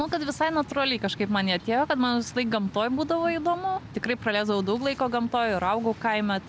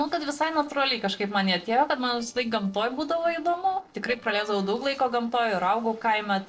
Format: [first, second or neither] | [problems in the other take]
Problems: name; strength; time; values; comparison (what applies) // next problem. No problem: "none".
first | noise reduction (neural separator model SepFormer DNS4)